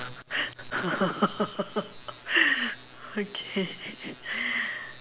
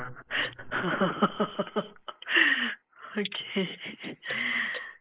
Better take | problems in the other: first | noise reduction (neural mask model Resemble Enhance denoiser)

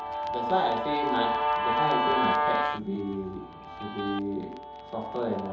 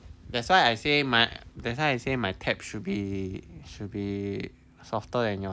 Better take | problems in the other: second | background sound (Guitar); 2 dB above the speech // room echo; dies away in 2.8 s

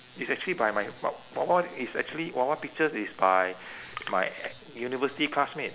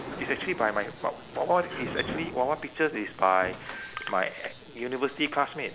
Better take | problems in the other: first | background sound (Sliding door); 13 dB below the speech

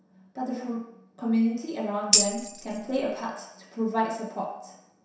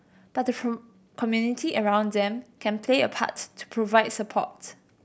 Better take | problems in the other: second | background sound (Tambourine); 4 dB above the speech // room echo; dies away in 0.7 s

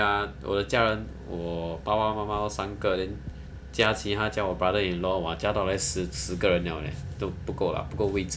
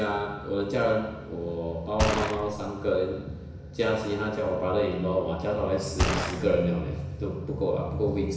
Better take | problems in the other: first | background sound (Gunshot, gunfire); 1 dB below the speech // room echo; dies away in 1 s

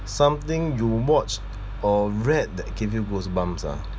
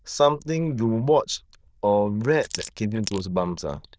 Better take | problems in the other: first | noise reduction (neural diffusion model UNIVERSE++)

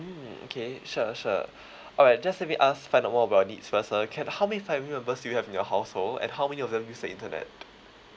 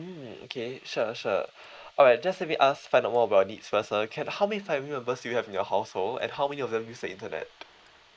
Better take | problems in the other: first | noise reduction (neural mask model Resemble Enhance denoiser)

